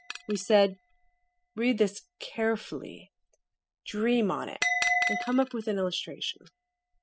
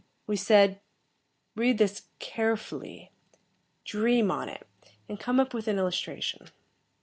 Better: second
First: noise reduction (classical method spectral subtraction)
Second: none

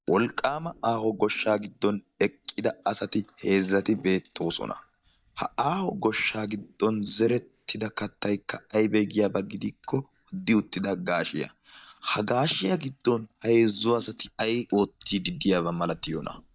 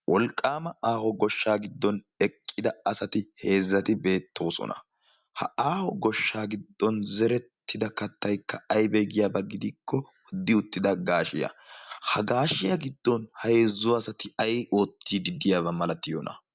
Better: second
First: noise reduction (neural mask model DeepFilterNet 3)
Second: none

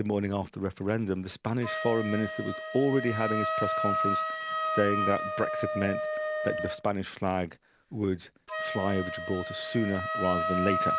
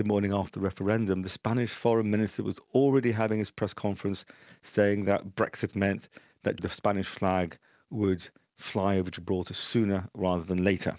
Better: second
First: background sound (Wind instrument, woodwind instrument); 2 dB below the speech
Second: none

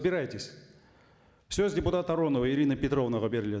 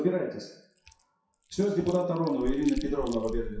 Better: first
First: none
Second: noise reduction (classical method WPE with log-MMSE)

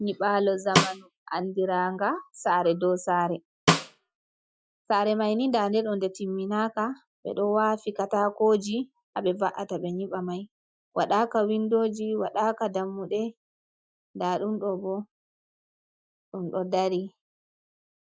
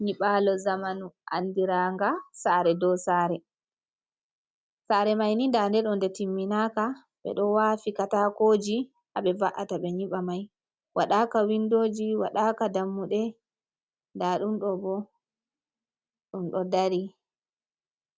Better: second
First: noise reduction (classical method Wiener filter)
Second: none

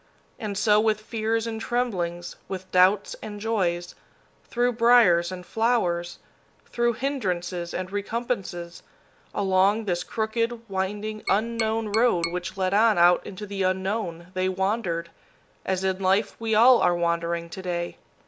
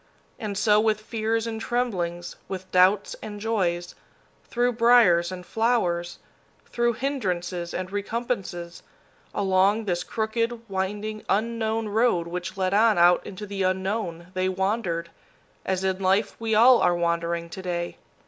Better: second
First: background sound (Tap); 10 dB below the speech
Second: none

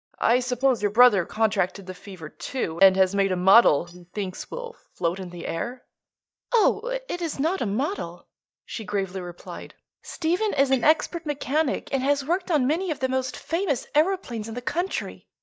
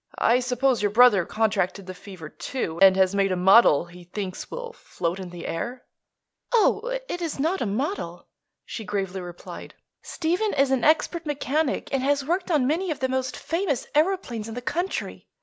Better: second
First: noise reduction (neural mask model DeepFilterNet 3)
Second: none

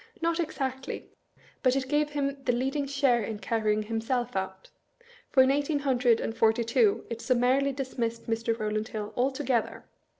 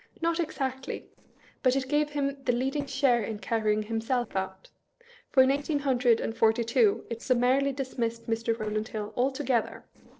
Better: first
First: none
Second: noise reduction (neural separator model SepFormer DNS4)

